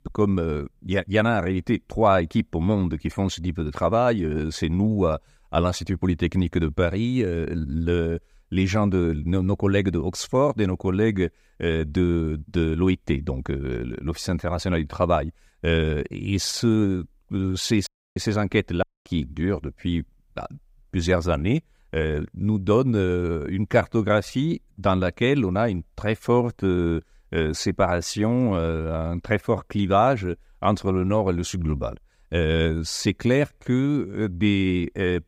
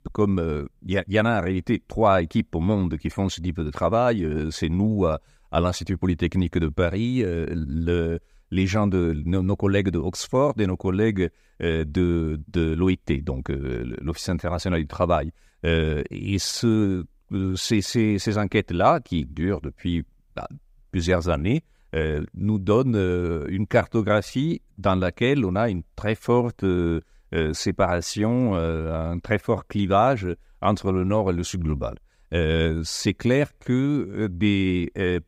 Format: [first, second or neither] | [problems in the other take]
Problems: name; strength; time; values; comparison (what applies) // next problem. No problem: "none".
second | audio cutting out; at 18 s and at 19 s